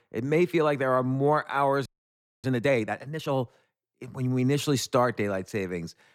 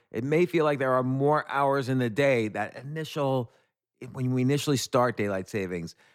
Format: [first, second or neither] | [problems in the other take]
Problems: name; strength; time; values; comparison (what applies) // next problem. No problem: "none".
second | audio freezing; at 2 s for 0.5 s